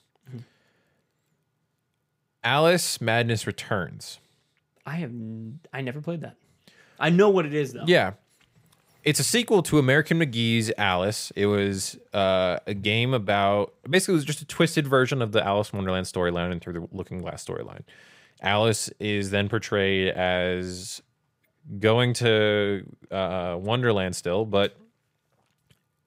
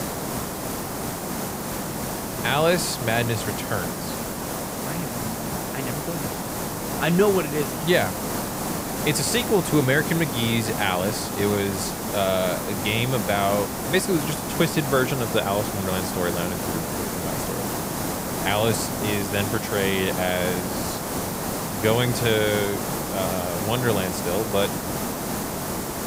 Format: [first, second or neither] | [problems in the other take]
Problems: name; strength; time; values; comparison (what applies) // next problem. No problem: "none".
first | hiss; loud; throughout; 3 dB below the speech